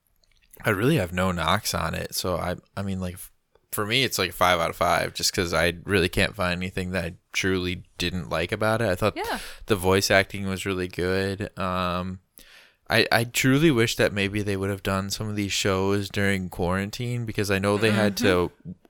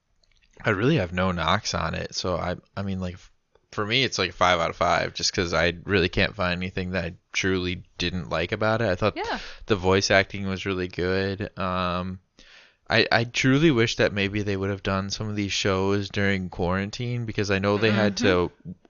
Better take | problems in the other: first | garbled, watery; slightly; nothing above 6.5 kHz

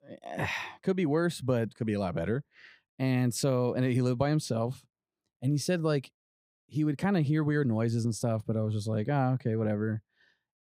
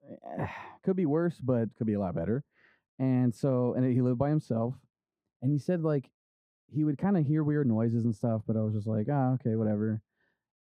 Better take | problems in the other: first | muffled; very; fading above 2 kHz

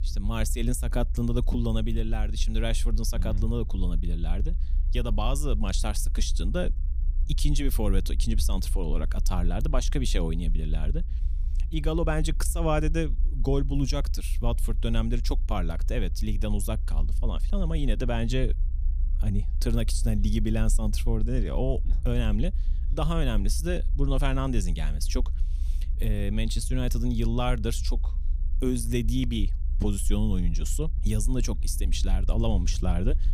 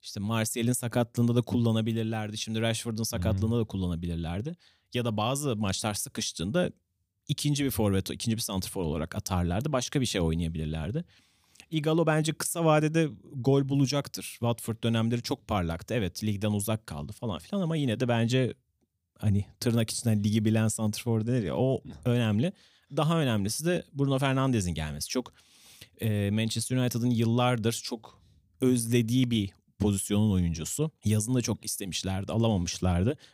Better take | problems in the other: second | low rumble; noticeable; throughout; 20 dB below the speech

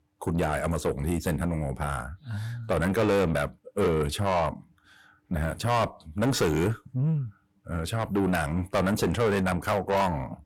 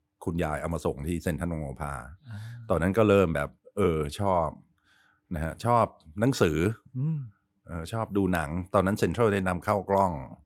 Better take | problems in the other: second | distortion; heavy; 6 dB below the speech

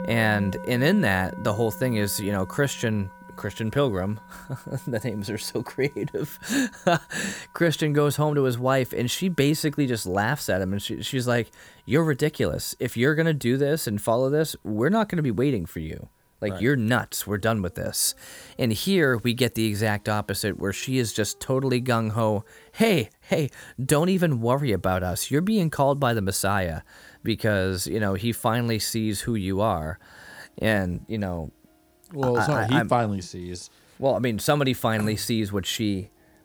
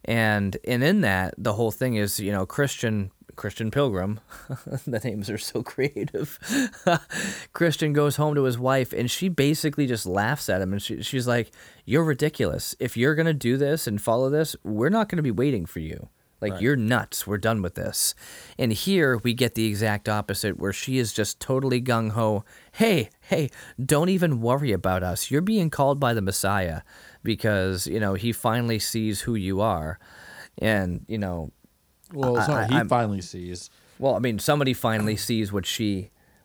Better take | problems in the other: second | background music; noticeable; throughout; 20 dB below the speech

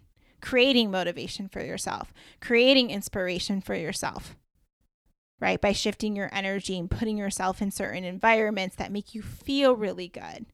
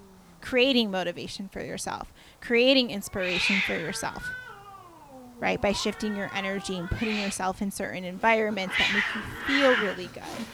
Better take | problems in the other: first | hiss; loud; throughout; 2 dB below the speech

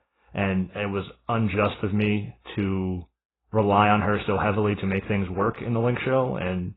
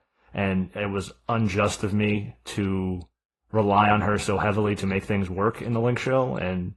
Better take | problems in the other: second | garbled, watery; badly; nothing above 4 kHz; slightly in the second

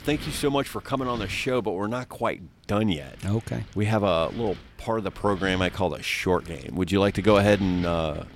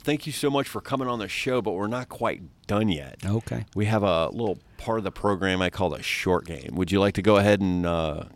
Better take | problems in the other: second | wind noise on the microphone; occasional gusts; 20 dB below the speech

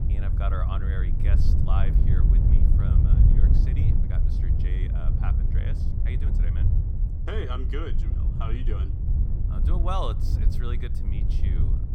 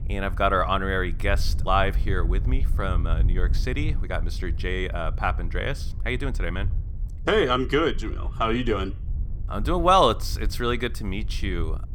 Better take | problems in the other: second | wind noise on the microphone; heavy; 2 dB below the speech; occasional gusts in the second

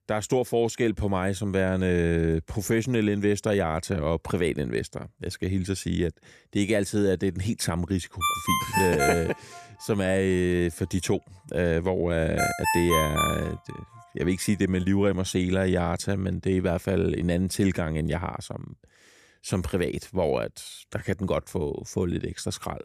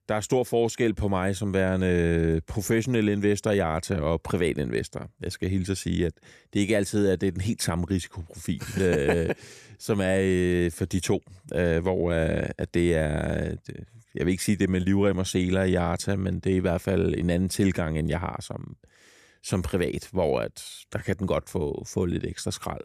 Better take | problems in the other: second | phone ringing; loud; from 8 to 13 s; peak 2 dB above the speech

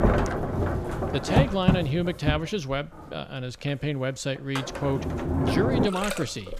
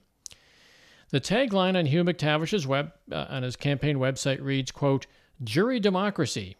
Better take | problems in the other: second | household noises; very loud; throughout; 1 dB above the speech

